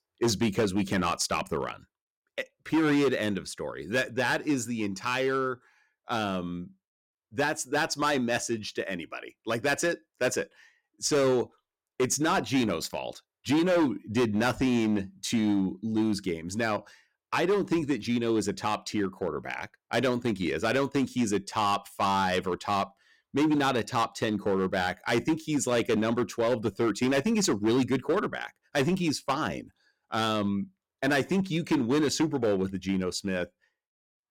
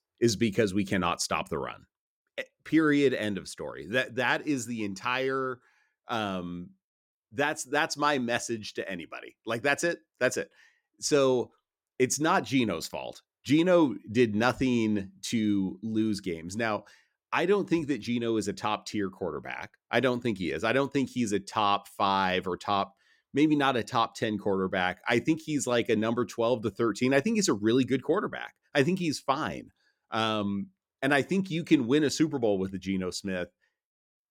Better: second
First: distortion; slight; 7% of the sound clipped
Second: none

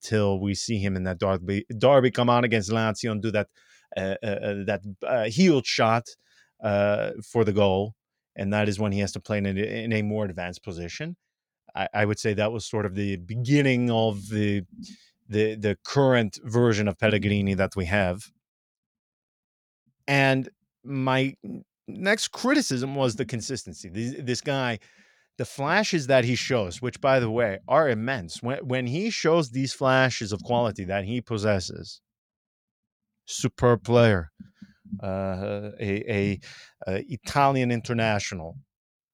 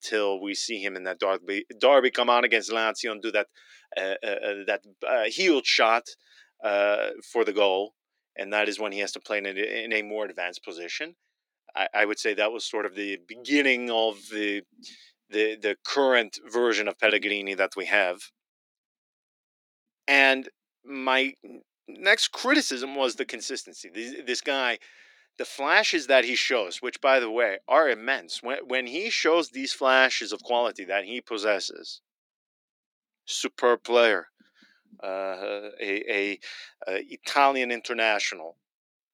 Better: first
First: none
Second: thin; somewhat; fading below 300 Hz

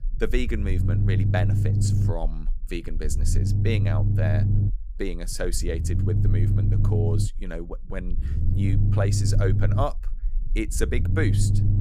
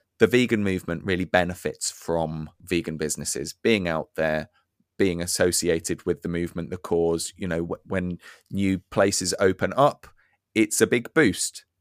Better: second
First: low rumble; loud; throughout; 4 dB below the speech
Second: none

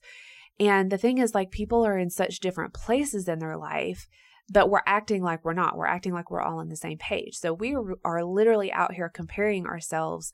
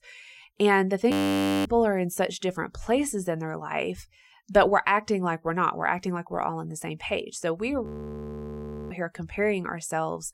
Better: first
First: none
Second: audio freezing; at 1 s for 0.5 s and at 8 s for 1 s

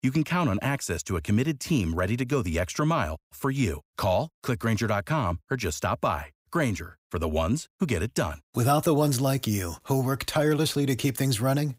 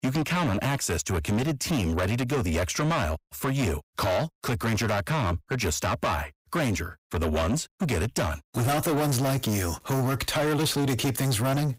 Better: first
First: none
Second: distortion; heavy; 7 dB below the speech

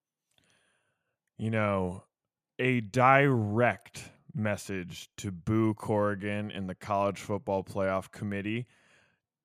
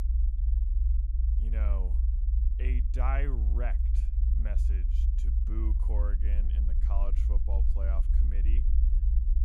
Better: first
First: none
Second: low rumble; loud; throughout; 6 dB below the speech

